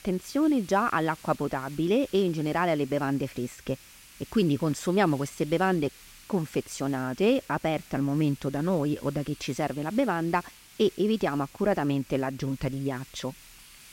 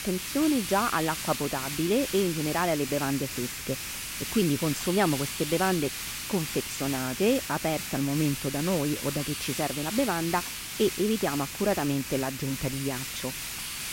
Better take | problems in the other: first | hiss; loud; throughout; 4 dB below the speech; faint in the first

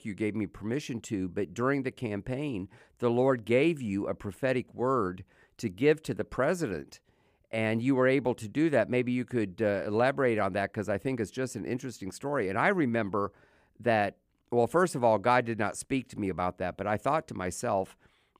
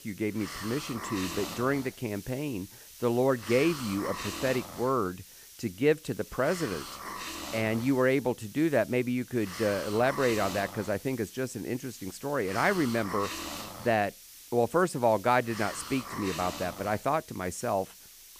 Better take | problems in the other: first | hiss; noticeable; throughout; 10 dB below the speech

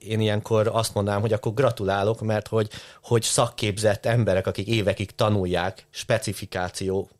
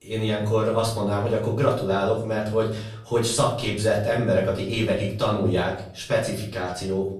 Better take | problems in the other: first | off-mic speech; far // room echo; noticeable; dies away in 0.5 s

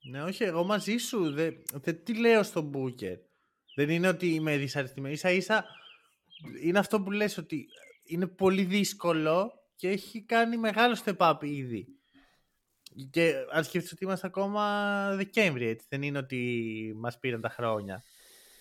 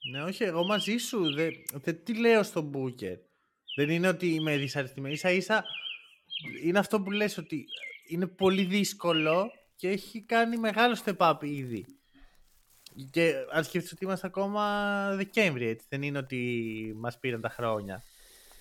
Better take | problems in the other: first | animal sounds; loud; throughout; 9 dB below the speech; faint in the first

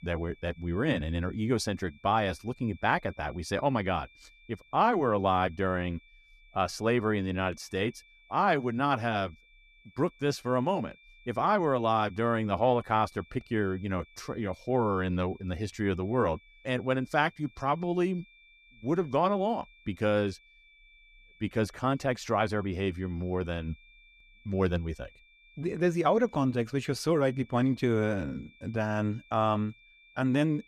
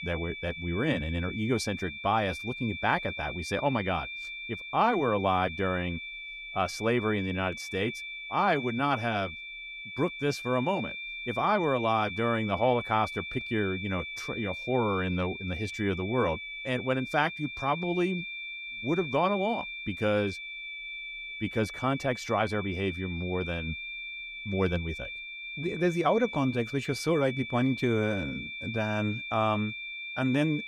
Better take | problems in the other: first | high-pitched whine; loud; throughout; 2.5 kHz, 7 dB below the speech; faint in the first

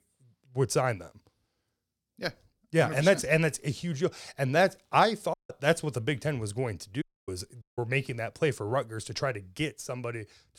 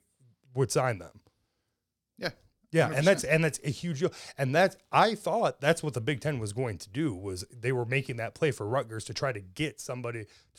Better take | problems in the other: second | audio cutting out; at 5.5 s, at 7 s and at 7.5 s

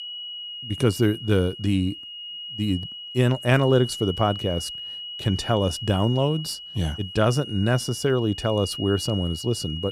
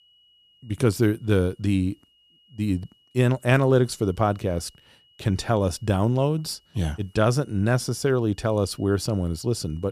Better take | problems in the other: second | high-pitched whine; loud; throughout; 3 kHz, 10 dB below the speech; faint in the second

